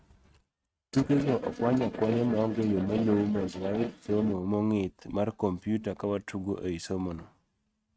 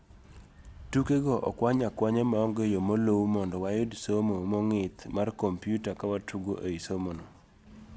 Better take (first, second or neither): second